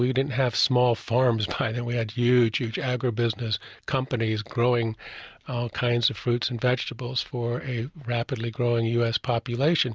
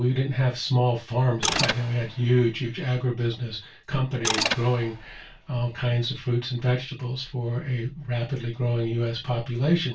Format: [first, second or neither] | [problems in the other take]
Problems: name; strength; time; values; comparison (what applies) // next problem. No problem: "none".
first | background sound (Mechanisms); 6 dB below the speech // room echo; dies away in 0.2 s